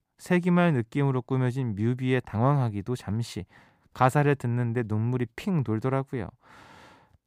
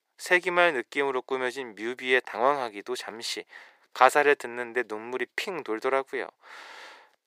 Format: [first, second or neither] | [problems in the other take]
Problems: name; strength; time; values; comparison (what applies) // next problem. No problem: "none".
first | thin; very; fading below 400 Hz